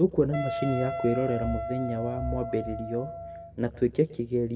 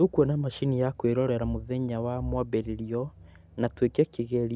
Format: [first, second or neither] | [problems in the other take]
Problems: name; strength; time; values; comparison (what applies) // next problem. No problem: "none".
second | background sound (Wind instrument, woodwind instrument); 6 dB below the speech // room echo; dies away in 1.2 s